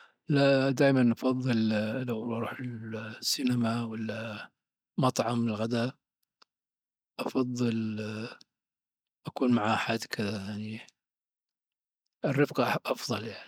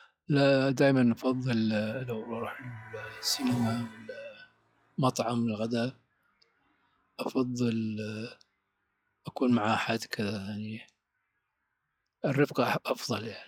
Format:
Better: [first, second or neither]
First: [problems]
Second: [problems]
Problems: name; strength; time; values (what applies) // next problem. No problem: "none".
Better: first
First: none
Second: noise reduction (classical method log-MMSE)